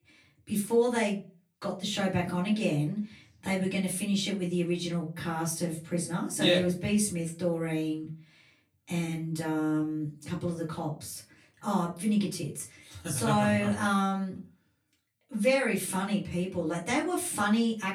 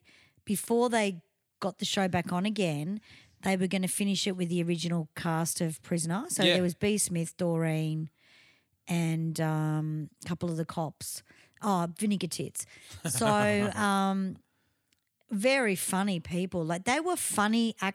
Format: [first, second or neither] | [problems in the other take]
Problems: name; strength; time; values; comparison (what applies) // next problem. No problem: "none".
second | off-mic speech; far // room echo; very slight; dies away in 0.3 s